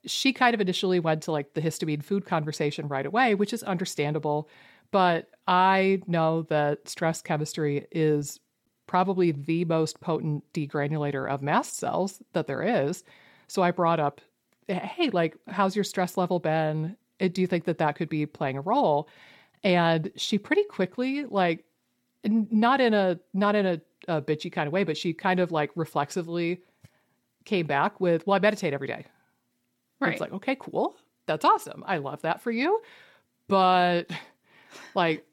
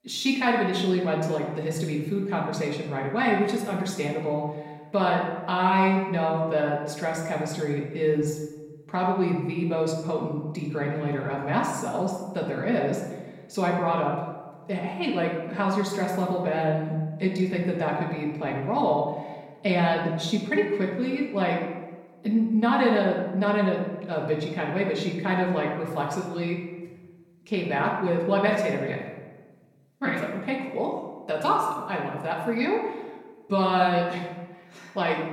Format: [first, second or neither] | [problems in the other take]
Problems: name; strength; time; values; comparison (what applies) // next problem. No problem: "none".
first | room echo; noticeable; dies away in 1 s // off-mic speech; far